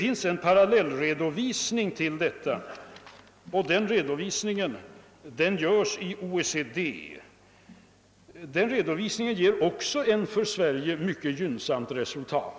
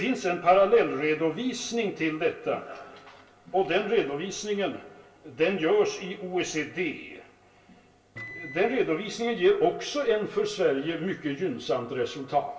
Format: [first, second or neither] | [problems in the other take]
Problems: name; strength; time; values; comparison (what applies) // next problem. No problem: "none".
first | background sound (Microwave oven); 15 dB below the speech // room echo; dies away in 0.3 s